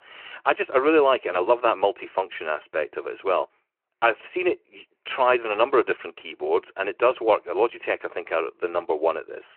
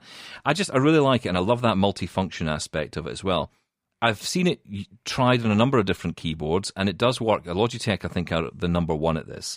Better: second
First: phone-call audio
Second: none

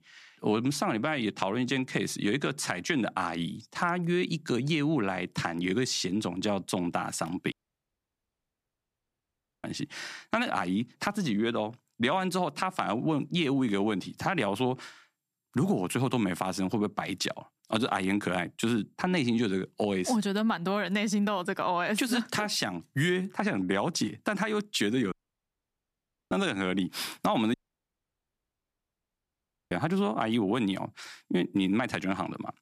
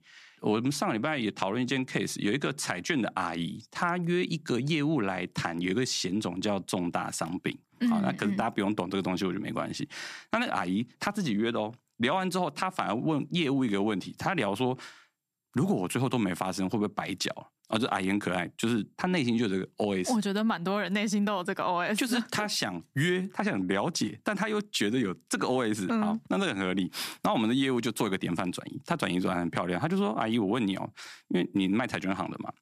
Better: second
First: audio cutting out; at 7.5 s for 2 s, at 25 s for 1 s and at 28 s for 2 s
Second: none

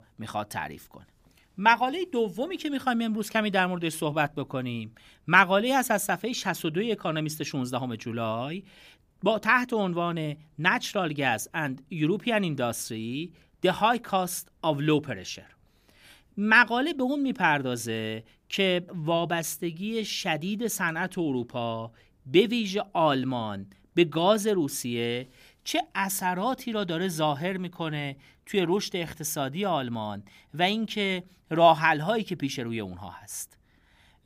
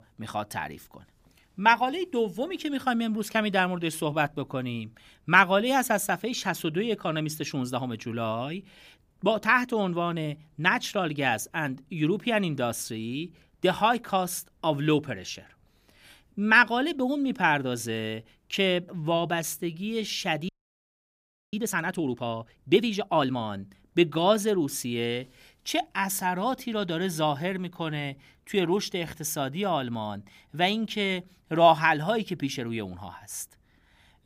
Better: first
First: none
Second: audio freezing; at 20 s for 1 s

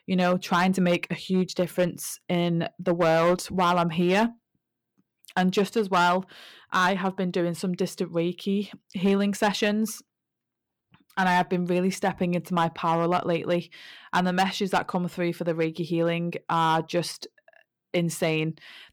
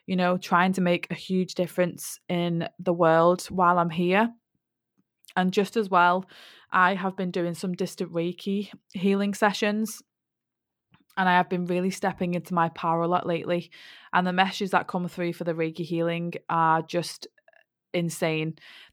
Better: second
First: distortion; slight; 4% of the sound clipped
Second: none

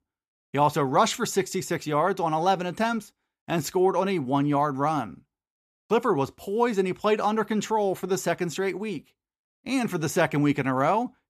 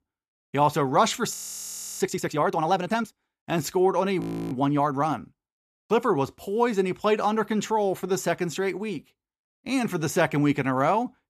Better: first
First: none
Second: audio freezing; at 1.5 s for 0.5 s and at 4 s

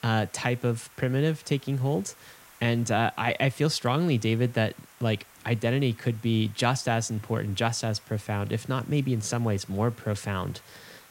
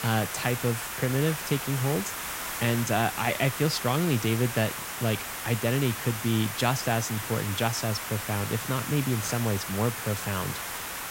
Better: first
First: hiss; faint; throughout; 25 dB below the speech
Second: hiss; loud; throughout; 5 dB below the speech

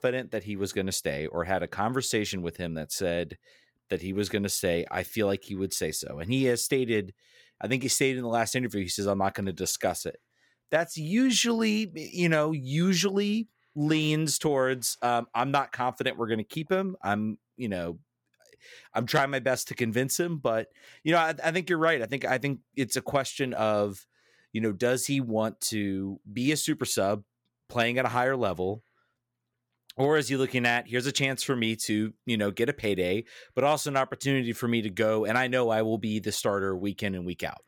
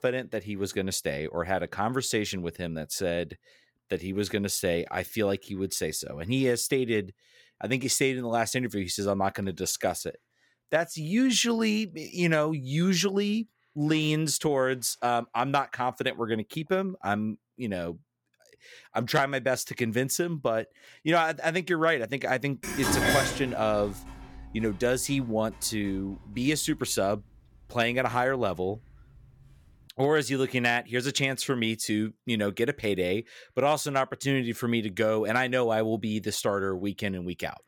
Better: first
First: none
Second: clattering dishes; loud; from 23 to 26 s; peak 4 dB above the speech

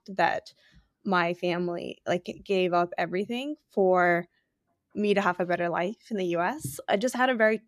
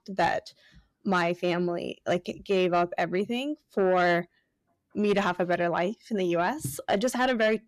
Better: first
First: none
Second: distortion; slight; 10 dB below the speech

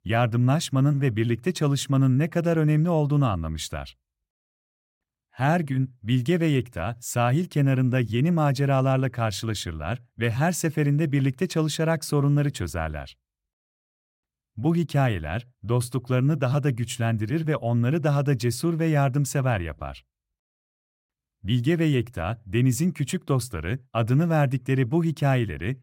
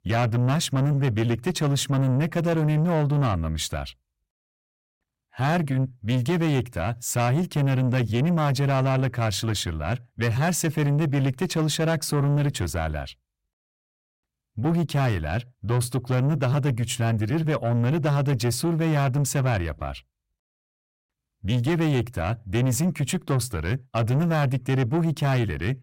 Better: first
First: none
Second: distortion; slight; 10 dB below the speech

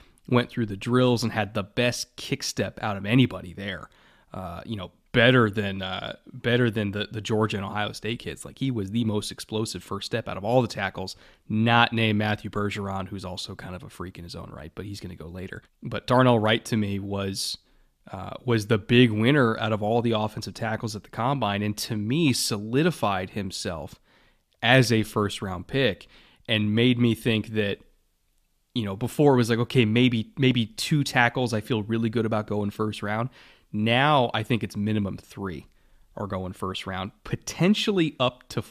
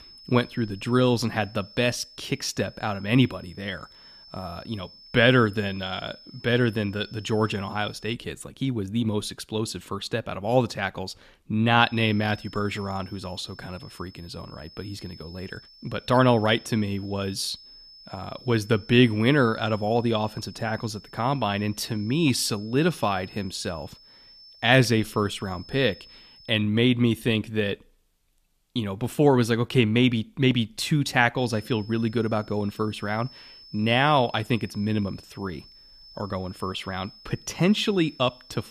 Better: first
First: none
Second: high-pitched whine; faint; until 8 s, from 12 to 26 s and from 31 s on; 5 kHz, 20 dB below the speech

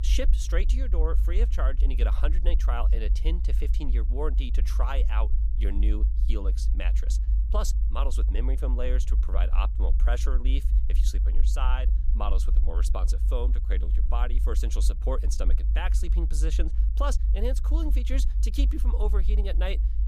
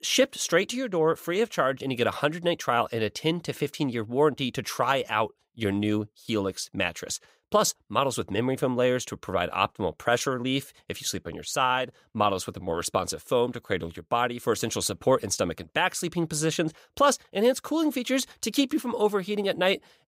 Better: second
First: low rumble; noticeable; throughout; 10 dB below the speech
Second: none

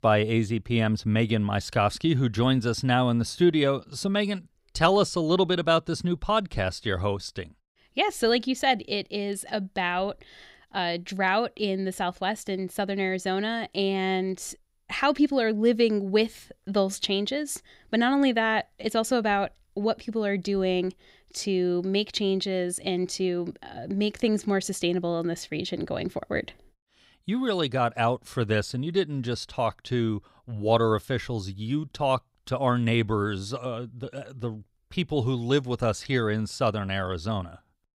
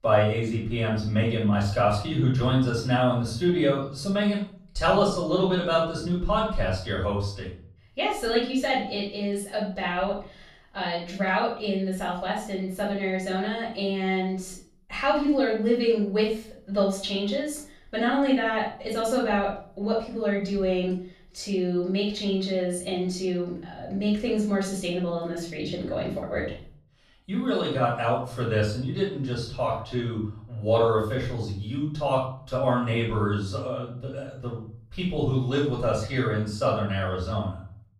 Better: first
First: none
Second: room echo; noticeable; dies away in 0.5 s // off-mic speech; far

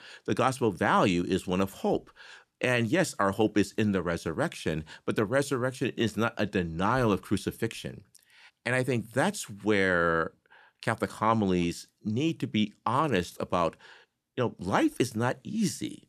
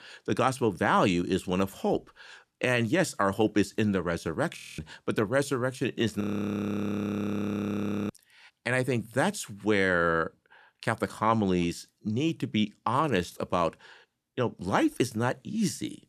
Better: first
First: none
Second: audio freezing; at 4.5 s and at 6 s for 2 s

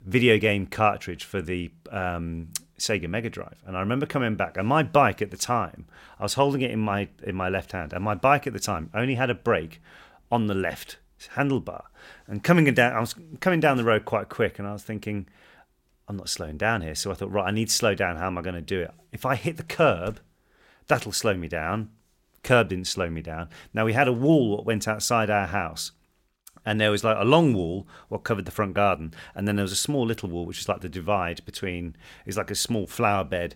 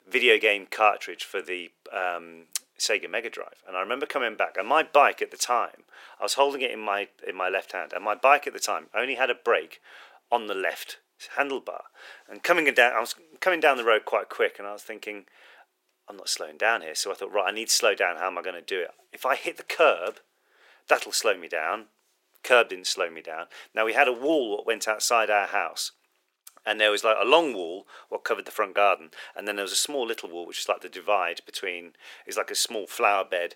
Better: first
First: none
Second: thin; very; fading below 400 Hz

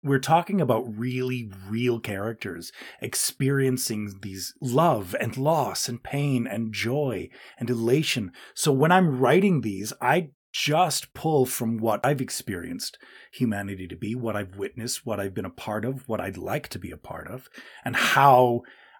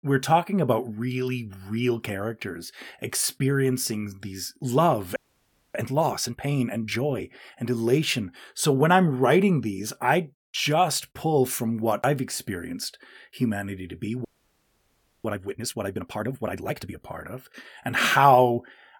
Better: first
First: none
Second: audio freezing; at 5 s for 0.5 s and at 14 s for 1 s

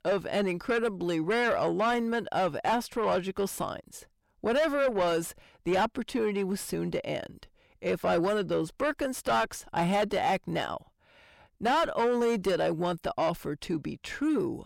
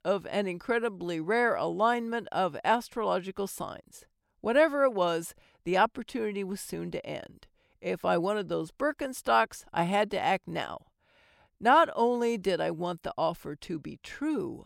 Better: second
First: distortion; heavy; 6 dB below the speech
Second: none

